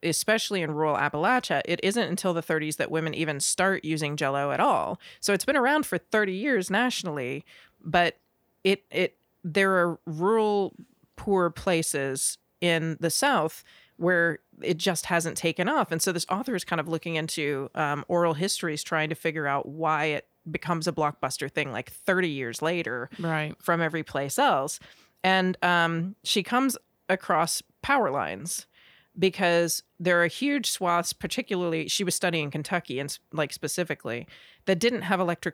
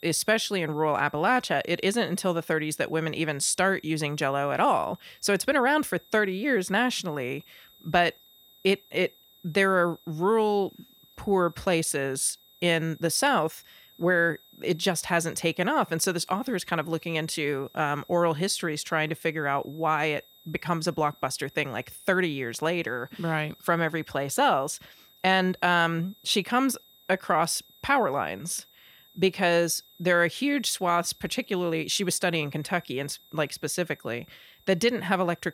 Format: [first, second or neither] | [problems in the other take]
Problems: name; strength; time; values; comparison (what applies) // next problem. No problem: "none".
first | high-pitched whine; faint; throughout; 3.5 kHz, 30 dB below the speech